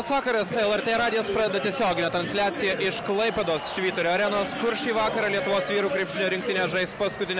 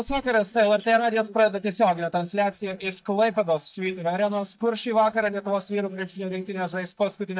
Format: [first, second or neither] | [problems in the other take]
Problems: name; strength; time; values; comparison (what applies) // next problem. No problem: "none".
first | noise reduction (neural mask model DeepFilterNet 3)